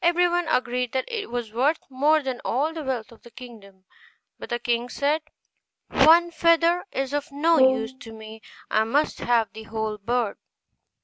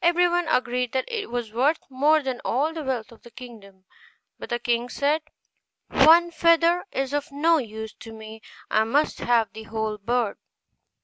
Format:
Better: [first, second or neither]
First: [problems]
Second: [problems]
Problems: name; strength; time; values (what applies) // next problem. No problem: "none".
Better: second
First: background sound (Brass instrument); 1 dB below the speech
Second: none